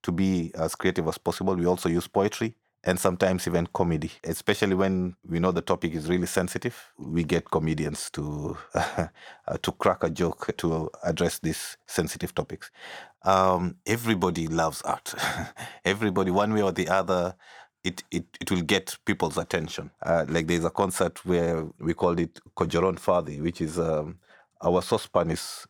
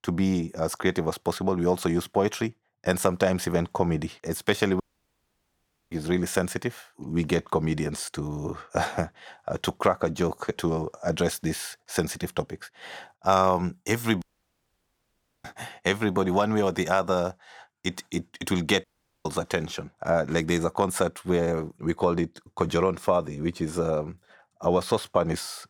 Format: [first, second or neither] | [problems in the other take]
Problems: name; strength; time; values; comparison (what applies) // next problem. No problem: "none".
first | audio cutting out; at 5 s for 1 s, at 14 s for 1 s and at 19 s